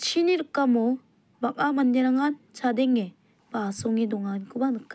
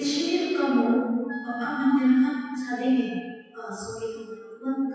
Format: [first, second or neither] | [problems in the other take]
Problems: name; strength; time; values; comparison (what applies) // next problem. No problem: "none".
first | noise reduction (classical method WPE with log-MMSE)